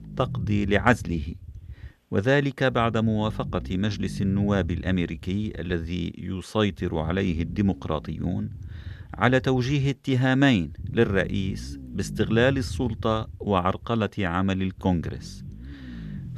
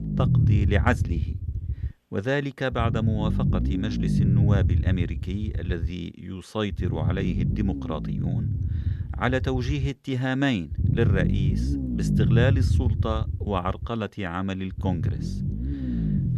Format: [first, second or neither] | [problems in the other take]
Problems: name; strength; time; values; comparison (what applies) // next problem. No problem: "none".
first | low rumble; loud; throughout; 6 dB below the speech; faint in the first